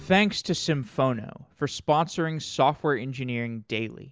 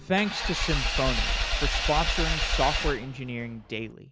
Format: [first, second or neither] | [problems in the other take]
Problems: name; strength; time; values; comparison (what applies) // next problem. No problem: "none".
first | background sound (Engine / Vehicle); 2 dB above the speech